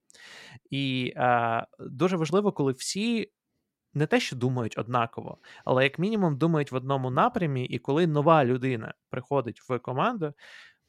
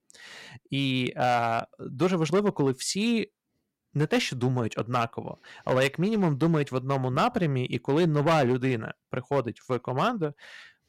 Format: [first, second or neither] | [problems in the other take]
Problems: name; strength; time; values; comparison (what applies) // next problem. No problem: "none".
first | distortion; slight; 5% of the sound clipped